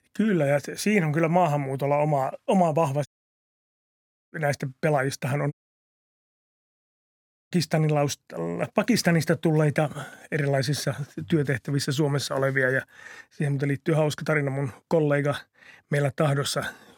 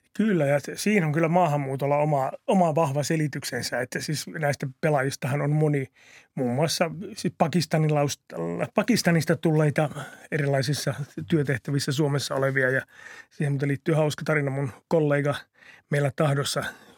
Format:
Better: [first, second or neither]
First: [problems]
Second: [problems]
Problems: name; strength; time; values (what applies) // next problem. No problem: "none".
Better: second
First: audio cutting out; at 3 s for 1.5 s and at 5.5 s for 2 s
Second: none